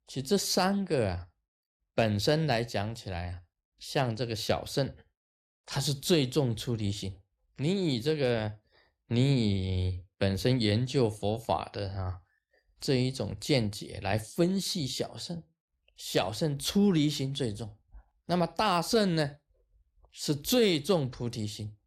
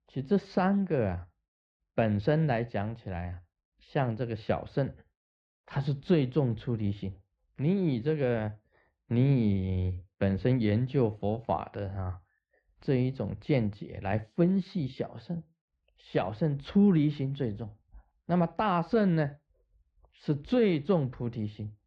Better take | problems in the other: first | muffled; very; fading above 2 kHz

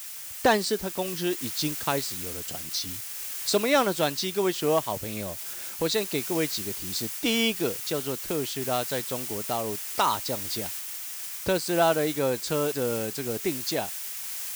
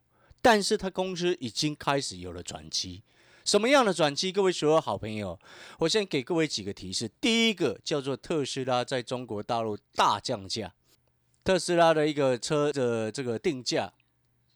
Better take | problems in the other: second | hiss; loud; throughout; 5 dB below the speech

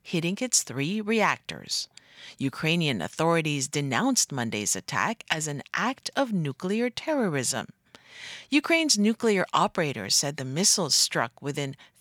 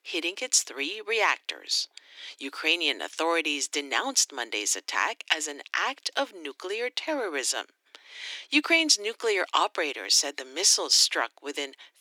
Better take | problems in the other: first | thin; somewhat; fading below 300 Hz

